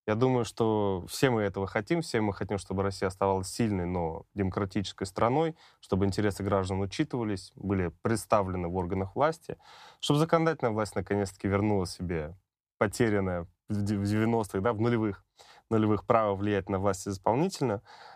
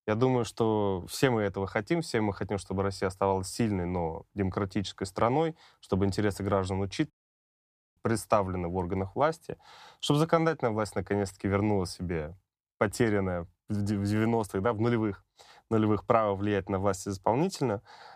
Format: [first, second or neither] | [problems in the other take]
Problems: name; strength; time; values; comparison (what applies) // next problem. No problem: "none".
first | audio cutting out; at 7 s for 1 s